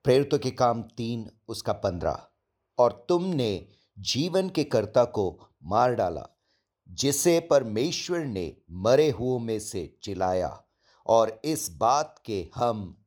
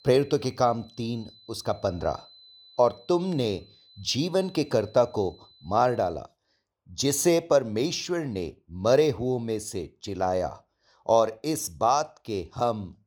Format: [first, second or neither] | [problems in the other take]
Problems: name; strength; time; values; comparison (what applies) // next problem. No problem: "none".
first | high-pitched whine; faint; until 6 s; 4 kHz, 25 dB below the speech